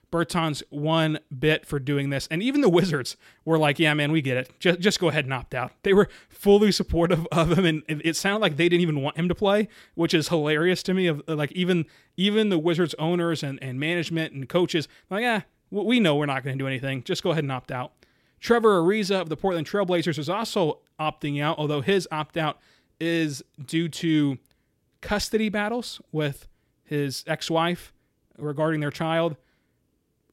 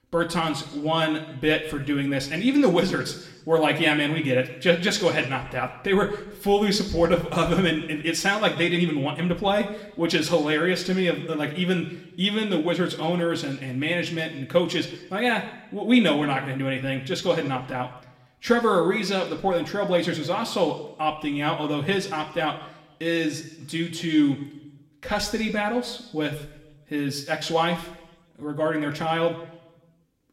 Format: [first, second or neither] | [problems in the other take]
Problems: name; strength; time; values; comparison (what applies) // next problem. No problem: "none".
first | room echo; slight; dies away in 0.8 s